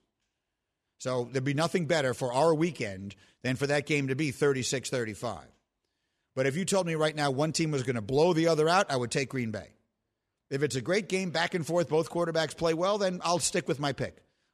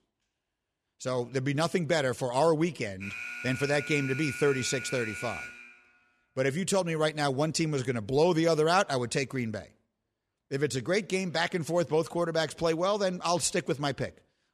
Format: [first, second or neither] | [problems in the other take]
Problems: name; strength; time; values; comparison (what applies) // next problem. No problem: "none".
first | alarm; noticeable; from 3 to 6 s; peak 8 dB below the speech